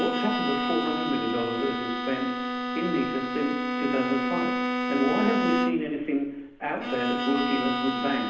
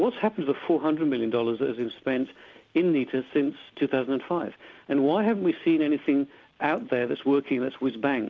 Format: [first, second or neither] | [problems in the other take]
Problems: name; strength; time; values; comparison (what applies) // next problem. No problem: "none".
second | background sound (Bowed string instrument); 1 dB above the speech // room echo; dies away in 0.8 s